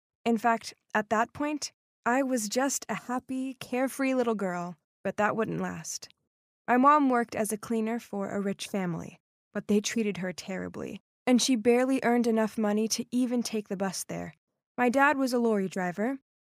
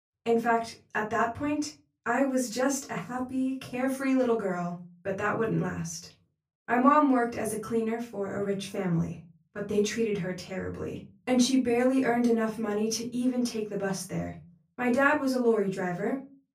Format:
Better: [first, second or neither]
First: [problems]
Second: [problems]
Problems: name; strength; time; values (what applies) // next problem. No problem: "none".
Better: first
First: none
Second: off-mic speech; far // room echo; slight; dies away in 0.4 s